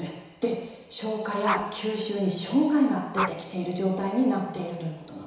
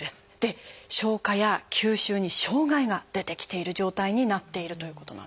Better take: second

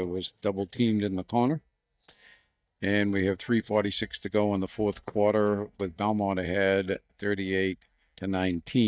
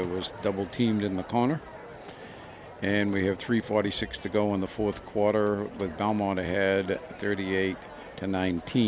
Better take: second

